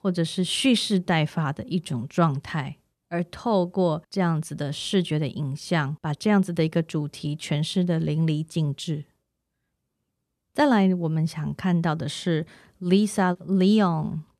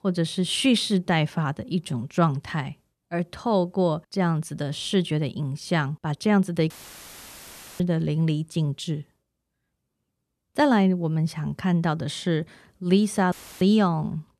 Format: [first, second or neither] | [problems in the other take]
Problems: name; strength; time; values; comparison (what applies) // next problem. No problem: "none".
first | audio cutting out; filled with static; at 6.5 s for 1 s and at 13 s